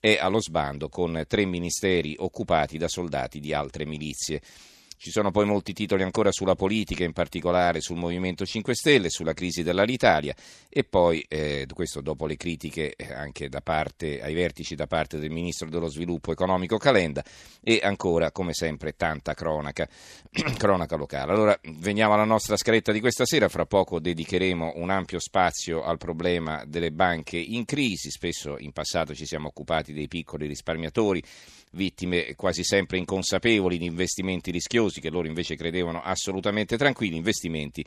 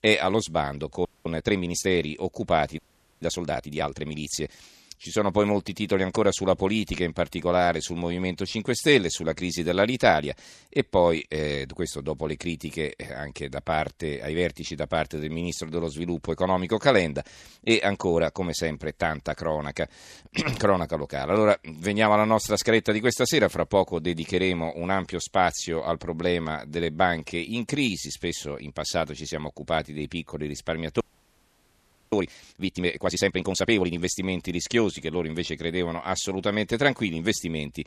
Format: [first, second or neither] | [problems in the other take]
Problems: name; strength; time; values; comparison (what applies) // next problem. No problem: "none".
first | audio freezing; at 1 s, at 3 s and at 31 s for 1 s